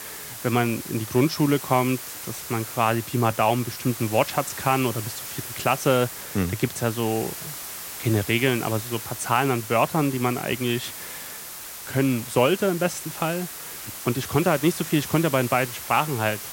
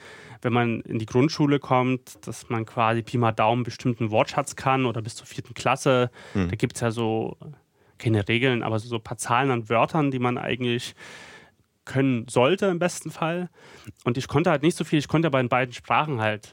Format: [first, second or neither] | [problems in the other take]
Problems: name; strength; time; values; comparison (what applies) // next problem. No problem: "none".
second | hiss; loud; throughout; 9 dB below the speech